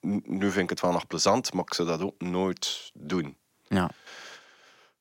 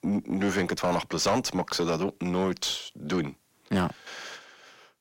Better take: first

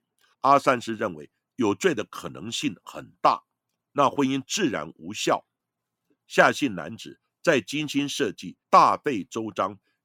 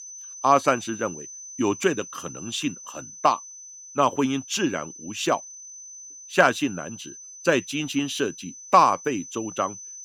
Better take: first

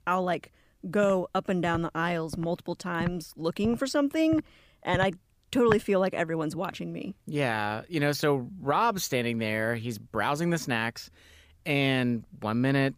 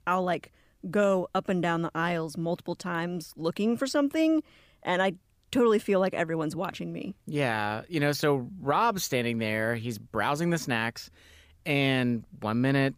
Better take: second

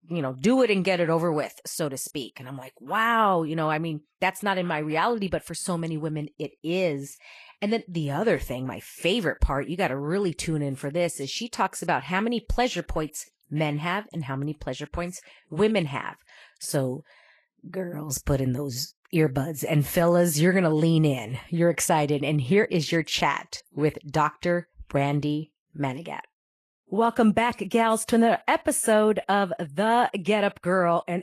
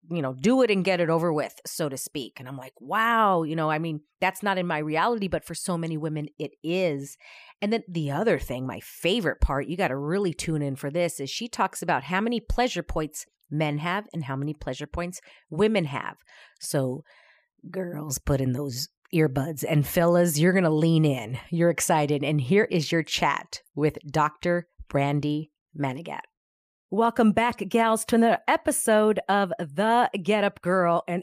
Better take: second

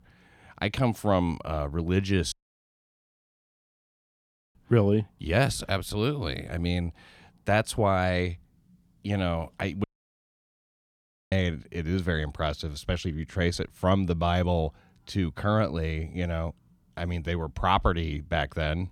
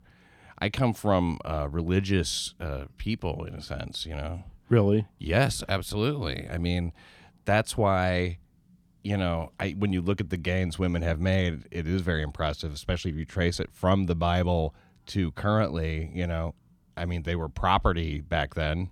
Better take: second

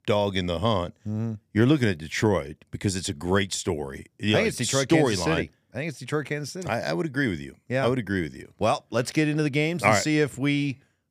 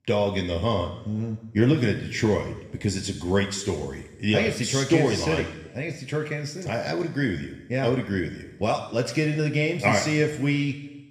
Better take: first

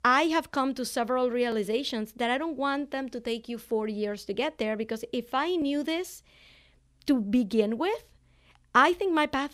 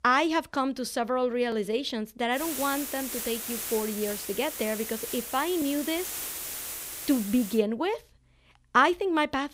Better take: first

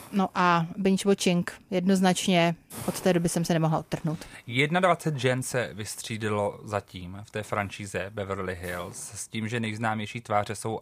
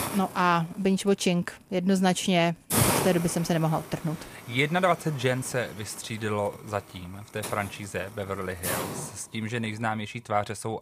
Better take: first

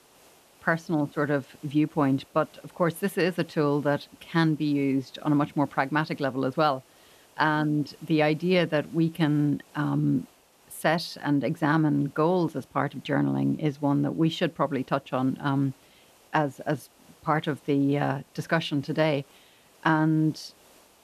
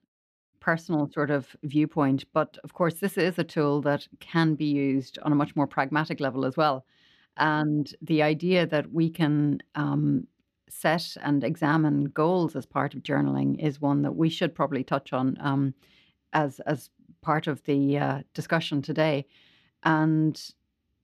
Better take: second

